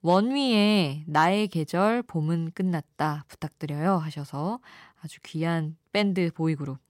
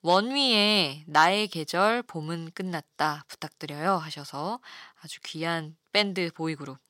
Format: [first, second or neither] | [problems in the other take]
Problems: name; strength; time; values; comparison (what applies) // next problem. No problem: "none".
first | thin; somewhat; fading below 550 Hz